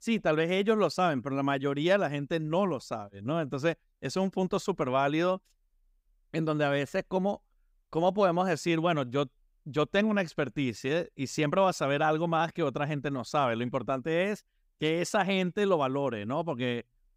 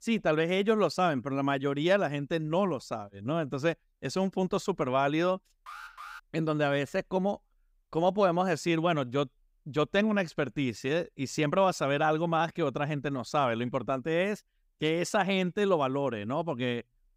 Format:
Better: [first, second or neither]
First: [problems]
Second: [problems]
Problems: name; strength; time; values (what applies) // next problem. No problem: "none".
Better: first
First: none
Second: alarm; faint; at 5.5 s; peak 15 dB below the speech